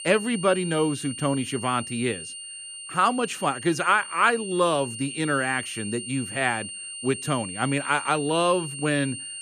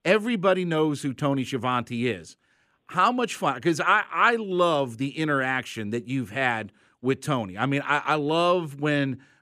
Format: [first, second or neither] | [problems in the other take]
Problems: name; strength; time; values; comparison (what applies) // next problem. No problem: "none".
second | high-pitched whine; loud; throughout; 3 kHz, 9 dB below the speech